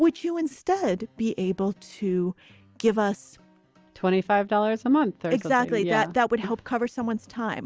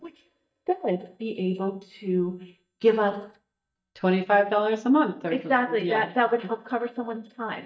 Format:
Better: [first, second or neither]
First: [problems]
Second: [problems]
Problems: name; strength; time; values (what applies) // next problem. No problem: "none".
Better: first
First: none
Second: noise reduction (neural mask model DeepFilterNet 3)